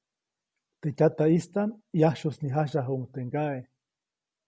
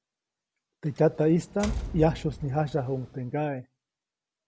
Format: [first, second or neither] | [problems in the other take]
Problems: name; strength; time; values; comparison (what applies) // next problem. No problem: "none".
first | background sound (Door); 10 dB below the speech